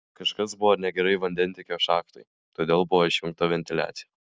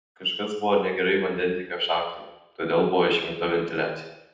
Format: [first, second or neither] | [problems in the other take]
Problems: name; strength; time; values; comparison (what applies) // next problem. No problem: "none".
first | room echo; dies away in 0.8 s